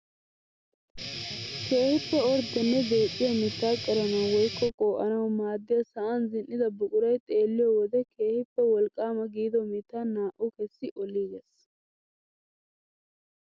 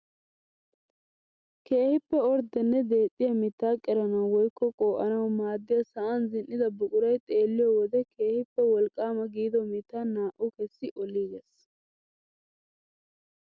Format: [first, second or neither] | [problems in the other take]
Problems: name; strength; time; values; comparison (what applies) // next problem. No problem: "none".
second | background sound (Guitar); 8 dB below the speech